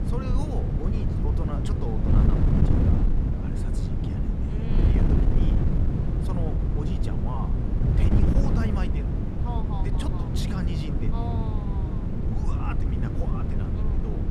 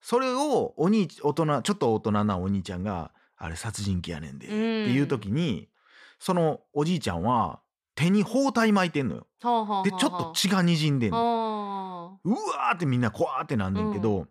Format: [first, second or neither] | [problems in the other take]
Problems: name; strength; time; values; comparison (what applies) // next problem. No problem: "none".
second | wind noise on the microphone; heavy; 4 dB above the speech